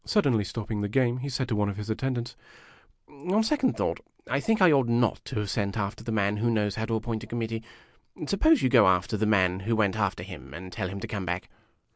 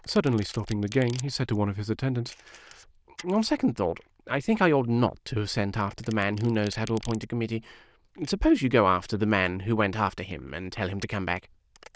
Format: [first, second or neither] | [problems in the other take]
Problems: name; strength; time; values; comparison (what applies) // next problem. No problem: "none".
first | noise reduction (neural diffusion model UNIVERSE++)